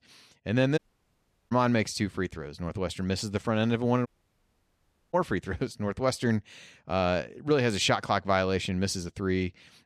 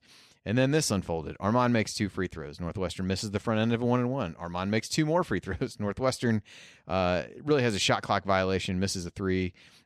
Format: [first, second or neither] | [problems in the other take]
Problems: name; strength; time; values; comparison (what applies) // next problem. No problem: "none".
second | audio cutting out; at 1 s for 0.5 s and at 4 s for 1 s